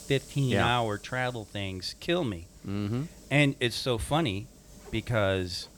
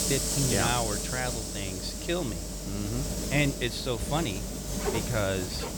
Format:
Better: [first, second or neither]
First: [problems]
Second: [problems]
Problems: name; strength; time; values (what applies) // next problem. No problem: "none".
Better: first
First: hiss; faint; throughout; 20 dB below the speech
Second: hiss; loud; throughout; as loud as the speech